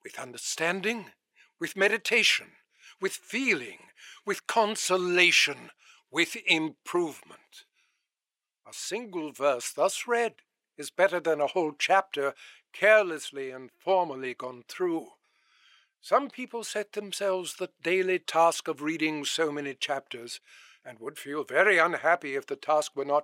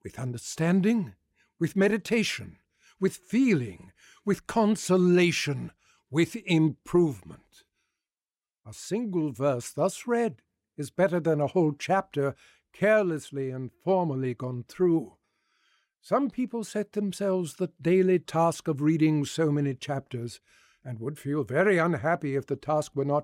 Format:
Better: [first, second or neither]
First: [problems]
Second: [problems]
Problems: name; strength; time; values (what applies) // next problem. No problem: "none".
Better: second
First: thin; very; fading below 550 Hz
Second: none